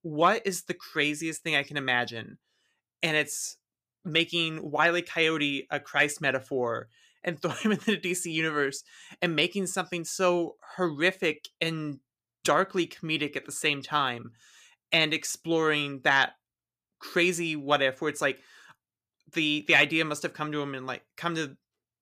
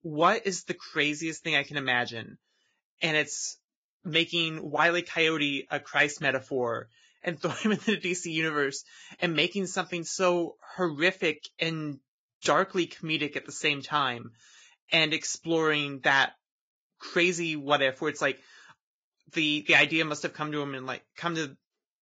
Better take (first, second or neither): first